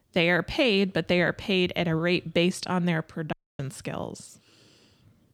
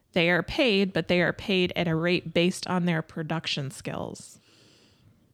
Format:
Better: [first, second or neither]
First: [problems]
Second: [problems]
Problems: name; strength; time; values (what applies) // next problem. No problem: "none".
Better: second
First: audio cutting out; at 3.5 s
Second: none